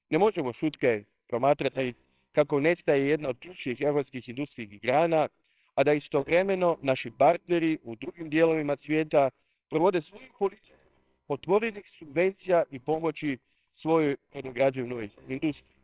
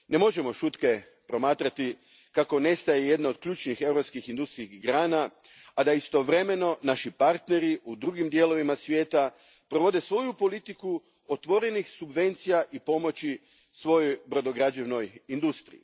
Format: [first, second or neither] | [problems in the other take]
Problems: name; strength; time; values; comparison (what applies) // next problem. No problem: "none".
second | noise reduction (neural separator model SepFormer WHAMR!)